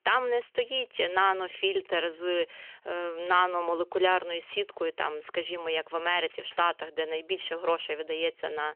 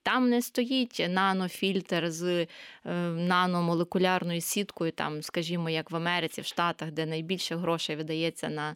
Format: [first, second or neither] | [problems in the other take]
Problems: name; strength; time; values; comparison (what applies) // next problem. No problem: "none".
second | phone-call audio; nothing above 3 kHz